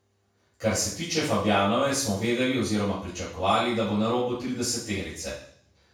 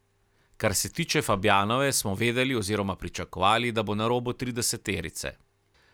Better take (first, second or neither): second